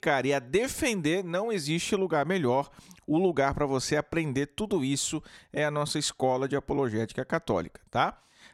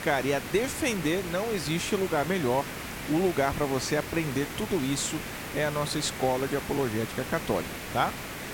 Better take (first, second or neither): first